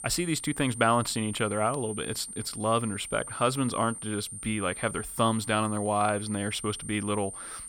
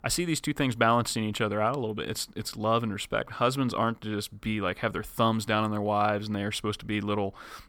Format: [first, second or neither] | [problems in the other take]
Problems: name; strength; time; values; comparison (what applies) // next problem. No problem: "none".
second | high-pitched whine; loud; throughout; 9 kHz, 9 dB below the speech